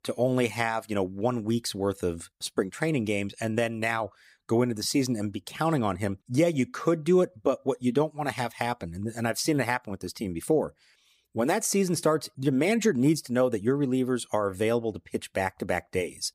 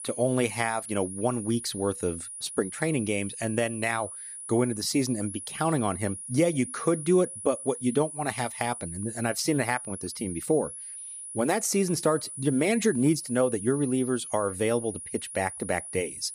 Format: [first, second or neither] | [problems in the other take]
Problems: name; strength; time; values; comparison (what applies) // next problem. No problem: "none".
first | high-pitched whine; loud; throughout; 10.5 kHz, 9 dB below the speech